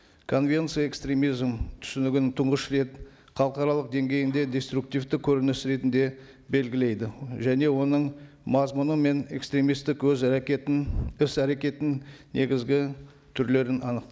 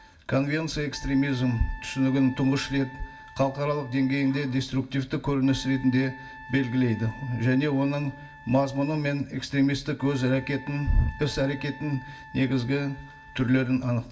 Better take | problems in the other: first | background sound (Wind instrument, woodwind instrument); 20 dB below the speech // room echo; dies away in 0.2 s

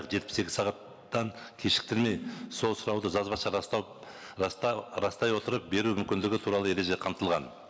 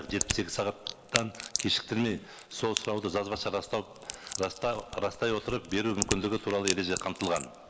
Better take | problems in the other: first | noise reduction (neural mask model Resemble Enhance denoiser)

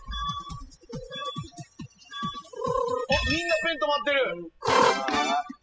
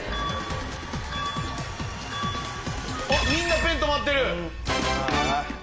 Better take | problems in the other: second | noise reduction (classical method spectral subtraction)

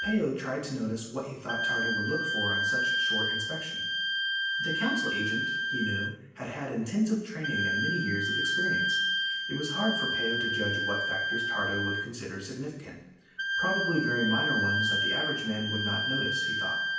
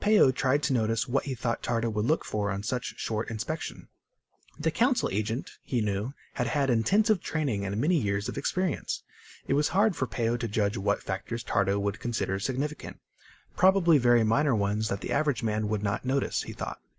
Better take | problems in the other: second | background sound (Wind instrument, woodwind instrument); 3 dB above the speech // room echo; dies away in 0.9 s

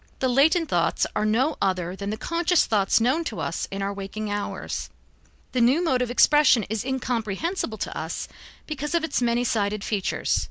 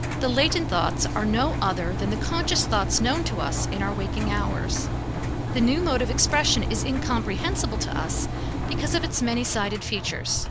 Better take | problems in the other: first | background sound (Engine); 1 dB below the speech

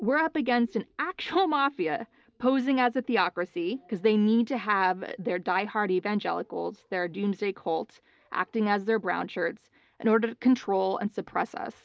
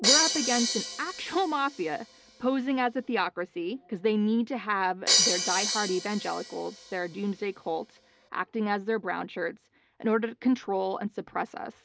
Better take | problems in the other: first | background sound (Crash cymbal); 1 dB below the speech

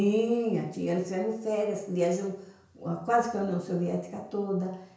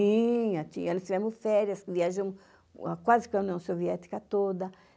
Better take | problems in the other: second | room echo; dies away in 0.5 s

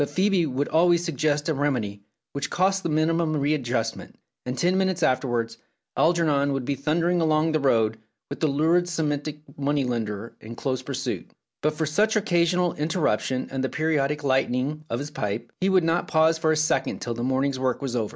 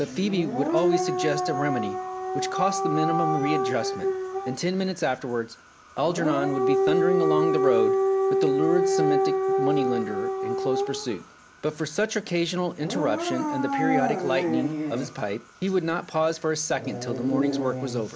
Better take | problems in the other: first | background sound (Siren / Dog); 1 dB above the speech

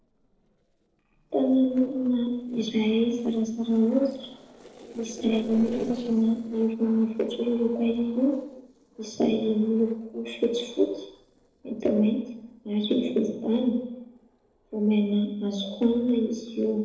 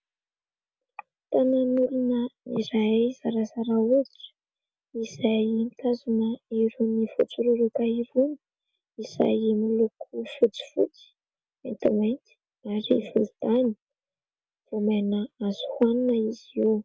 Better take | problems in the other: second | noise reduction (neural separator model SepFormer DNS4)

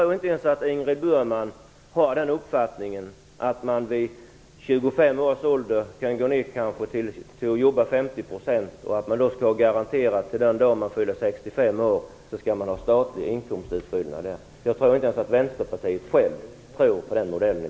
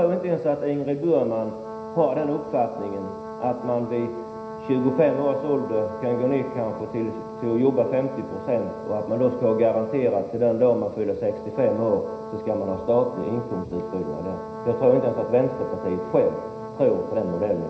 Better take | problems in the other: first | background sound (Brass instrument); 12 dB below the speech // room echo; dies away in 0.9 s

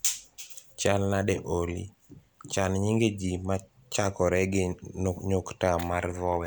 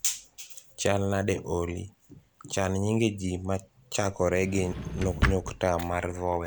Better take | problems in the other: first | background sound (Drawer open or close); 4 dB below the speech

